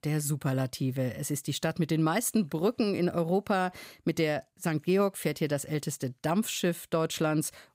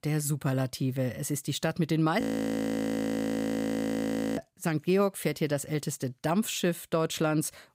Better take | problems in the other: first | audio freezing; at 2 s for 2 s

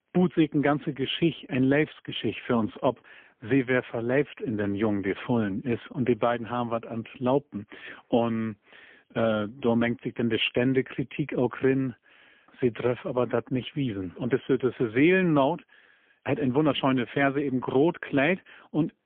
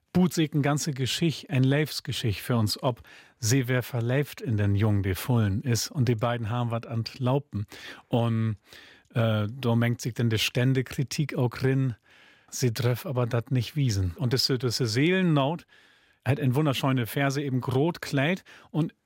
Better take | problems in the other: second | phone-call audio; poor line; nothing above 3.5 kHz

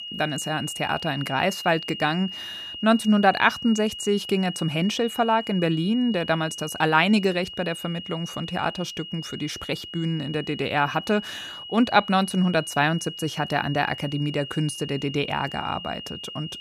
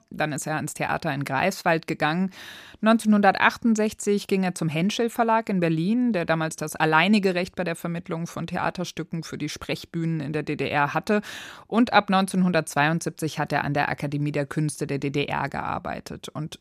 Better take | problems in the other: second | high-pitched whine; noticeable; throughout; 3 kHz, 10 dB below the speech

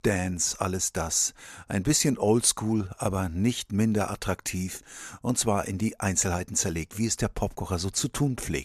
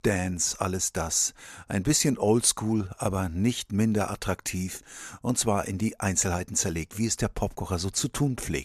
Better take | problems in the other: neither | none

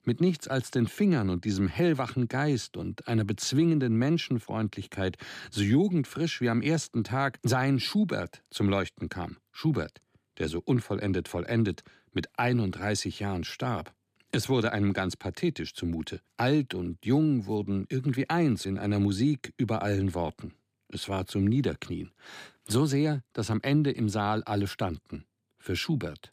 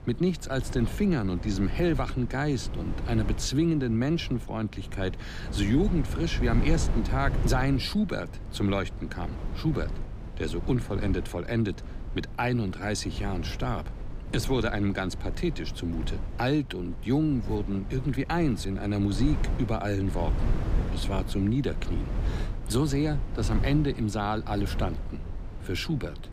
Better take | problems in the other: first | wind noise on the microphone; occasional gusts; 10 dB below the speech

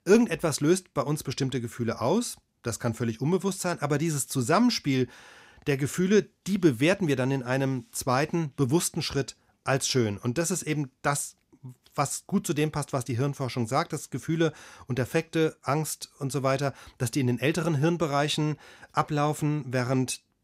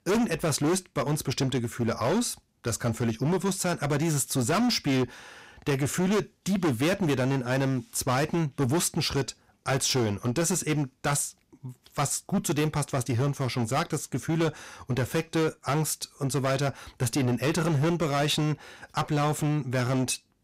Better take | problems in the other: first | distortion; heavy; 16% of the sound clipped

